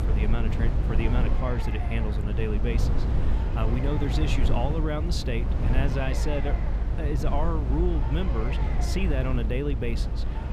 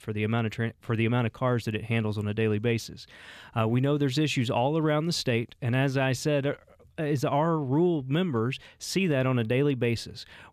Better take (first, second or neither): second